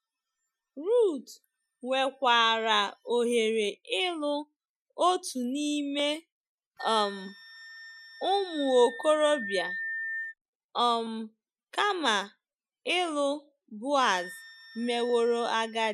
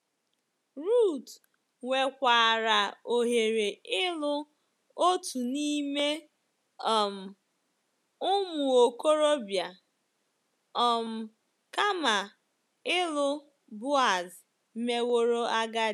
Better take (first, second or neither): second